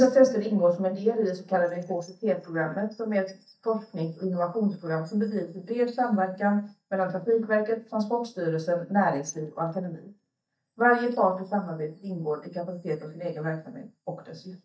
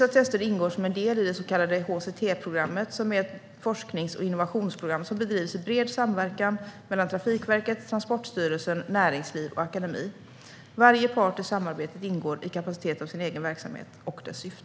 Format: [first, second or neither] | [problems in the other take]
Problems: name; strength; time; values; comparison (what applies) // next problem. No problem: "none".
second | noise reduction (neural mask model DeepFilterNet 3)